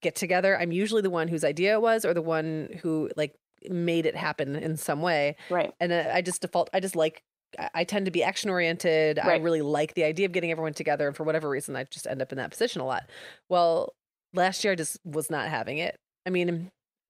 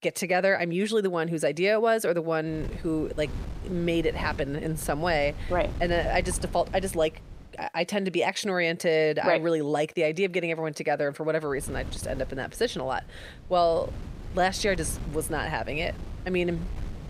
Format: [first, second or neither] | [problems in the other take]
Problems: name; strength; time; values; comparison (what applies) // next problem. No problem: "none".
first | wind noise on the microphone; occasional gusts; from 2.5 to 7.5 s and from 12 s on; 20 dB below the speech